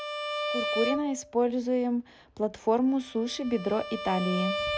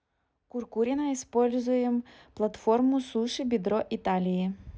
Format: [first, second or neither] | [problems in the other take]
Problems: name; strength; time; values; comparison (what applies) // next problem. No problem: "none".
second | background sound (Bowed string instrument); 6 dB below the speech